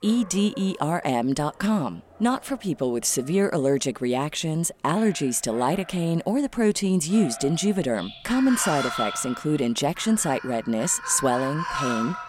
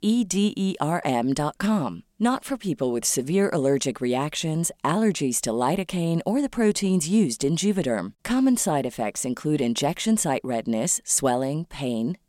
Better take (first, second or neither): second